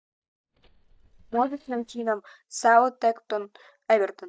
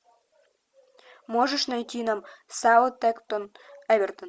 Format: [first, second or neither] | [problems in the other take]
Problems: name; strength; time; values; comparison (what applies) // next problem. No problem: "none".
second | noise reduction (neural mask model DeepFilterNet 3)